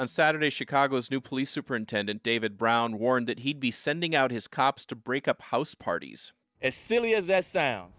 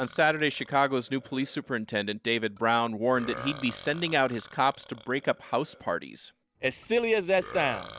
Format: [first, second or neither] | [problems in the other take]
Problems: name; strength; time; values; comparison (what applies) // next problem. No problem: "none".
first | background sound (Burping, eructation); 18 dB below the speech